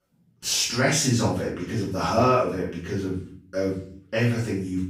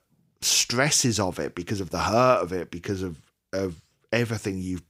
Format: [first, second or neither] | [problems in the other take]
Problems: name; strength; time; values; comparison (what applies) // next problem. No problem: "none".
second | off-mic speech; far // room echo; noticeable; dies away in 0.5 s